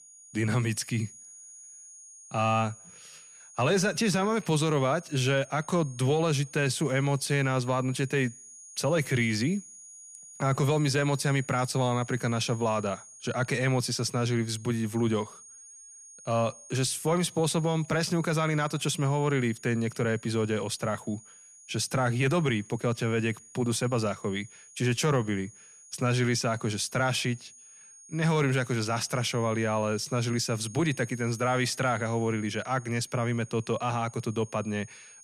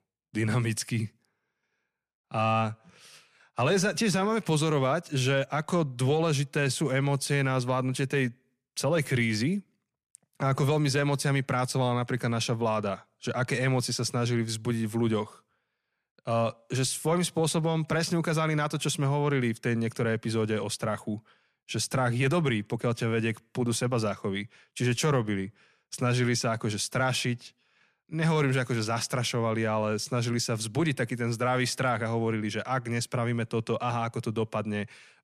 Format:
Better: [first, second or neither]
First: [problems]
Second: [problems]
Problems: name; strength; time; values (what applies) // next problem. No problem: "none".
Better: second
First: high-pitched whine; noticeable; throughout; 6.5 kHz, 20 dB below the speech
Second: none